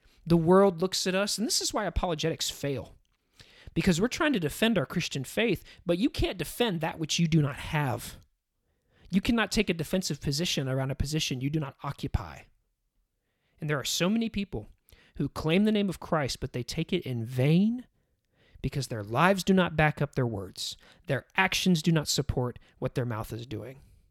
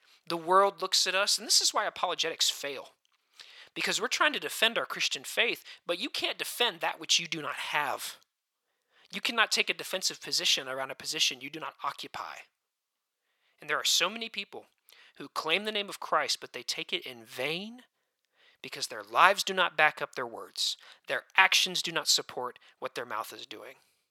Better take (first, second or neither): first